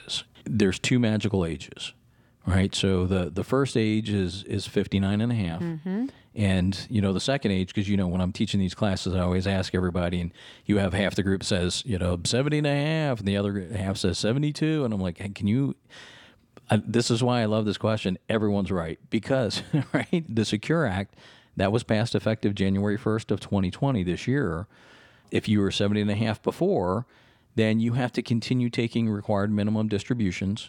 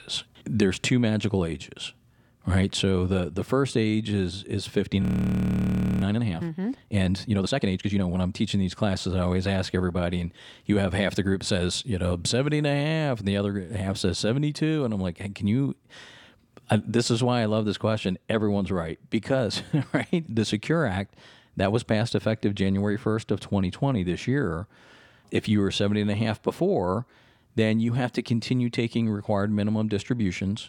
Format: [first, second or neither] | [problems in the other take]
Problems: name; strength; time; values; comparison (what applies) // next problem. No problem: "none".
first | audio freezing; at 5 s for 1 s